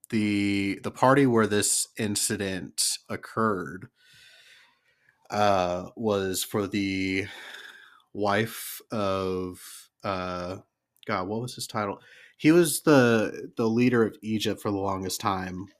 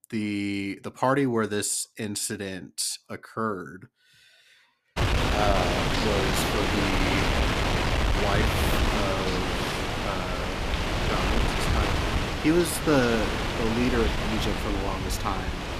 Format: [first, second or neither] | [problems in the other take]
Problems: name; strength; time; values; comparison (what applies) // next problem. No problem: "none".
first | wind noise on the microphone; heavy; from 5 s on; 2 dB above the speech